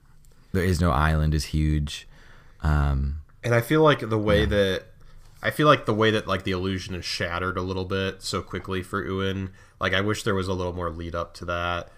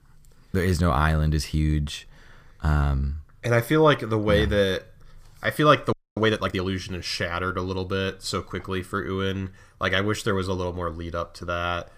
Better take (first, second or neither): first